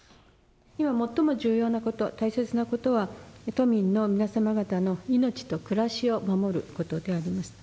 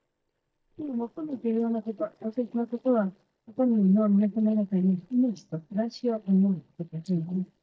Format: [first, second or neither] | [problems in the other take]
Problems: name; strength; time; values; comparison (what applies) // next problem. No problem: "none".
first | noise reduction (neural mask model DeepFilterNet 3)